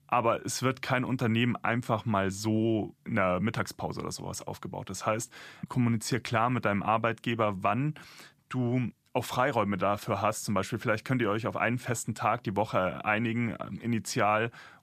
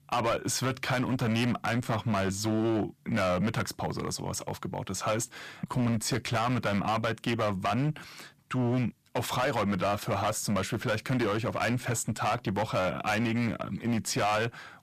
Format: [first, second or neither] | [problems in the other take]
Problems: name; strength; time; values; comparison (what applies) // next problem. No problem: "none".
first | distortion; heavy; 14% of the sound clipped